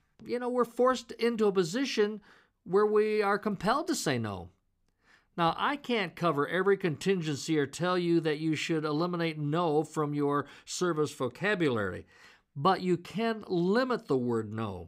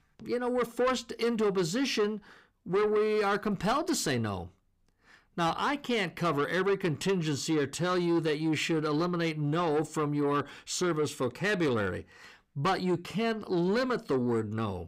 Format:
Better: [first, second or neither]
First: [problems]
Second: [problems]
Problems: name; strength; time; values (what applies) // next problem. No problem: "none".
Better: first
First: none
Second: distortion; slight; 10 dB below the speech